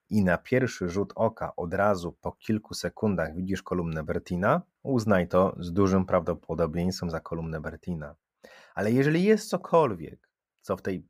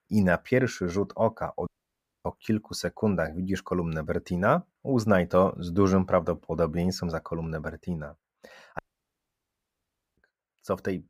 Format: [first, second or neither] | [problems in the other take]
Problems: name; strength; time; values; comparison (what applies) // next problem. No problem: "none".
first | audio cutting out; at 1.5 s for 0.5 s and at 9 s for 1.5 s